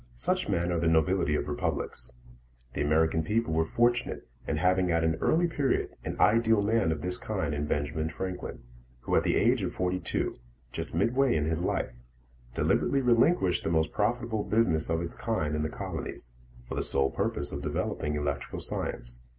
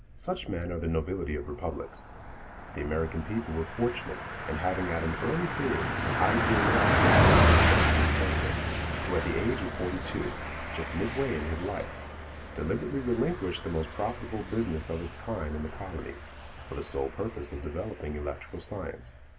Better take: first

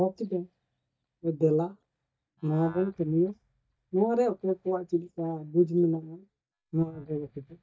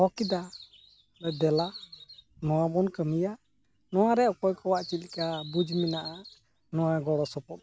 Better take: second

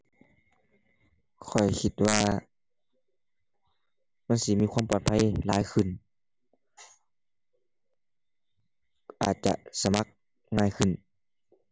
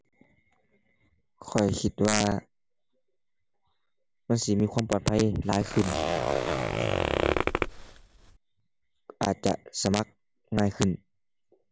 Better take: first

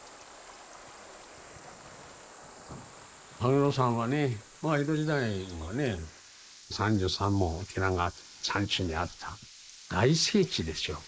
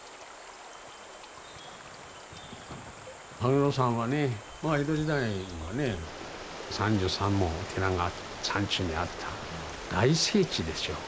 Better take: second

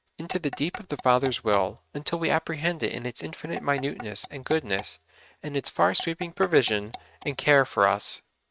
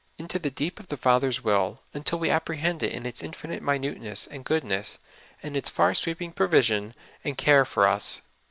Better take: second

